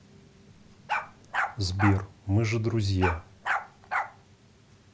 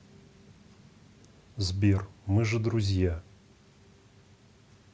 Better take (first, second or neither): second